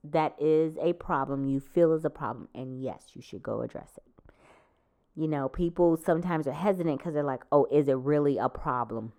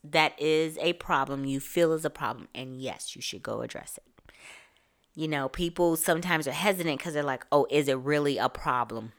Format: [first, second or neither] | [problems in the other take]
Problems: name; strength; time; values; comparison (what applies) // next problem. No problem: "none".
second | muffled; very; fading above 1 kHz